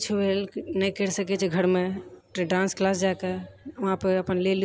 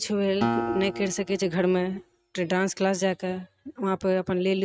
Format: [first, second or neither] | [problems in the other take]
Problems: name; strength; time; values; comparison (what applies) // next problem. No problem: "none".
first | noise reduction (neural mask model RNNoise)